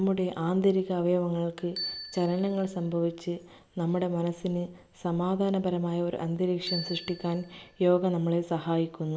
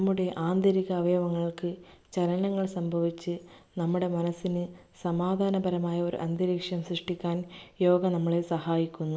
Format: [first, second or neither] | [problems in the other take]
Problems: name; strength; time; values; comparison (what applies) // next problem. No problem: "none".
second | background sound (Bicycle bell); 17 dB below the speech